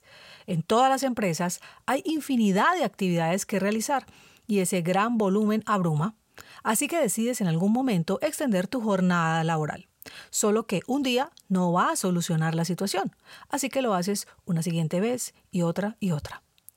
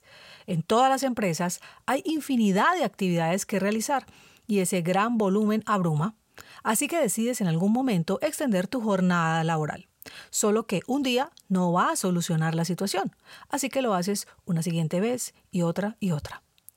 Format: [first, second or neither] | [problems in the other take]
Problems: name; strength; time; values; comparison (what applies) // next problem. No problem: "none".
neither | none